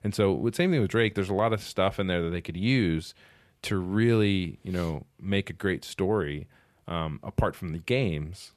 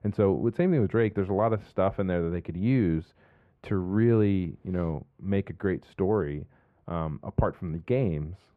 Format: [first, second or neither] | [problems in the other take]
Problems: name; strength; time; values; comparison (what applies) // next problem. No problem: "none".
first | muffled; very; fading above 2.5 kHz